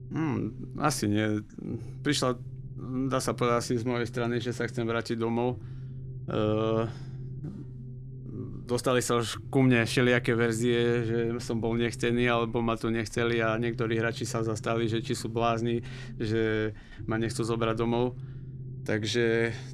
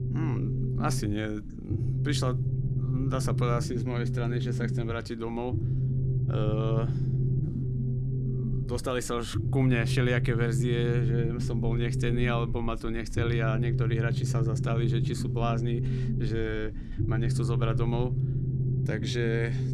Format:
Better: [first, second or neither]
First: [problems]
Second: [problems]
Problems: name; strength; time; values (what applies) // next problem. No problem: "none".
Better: first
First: low rumble; faint; throughout; 25 dB below the speech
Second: low rumble; loud; throughout; 6 dB below the speech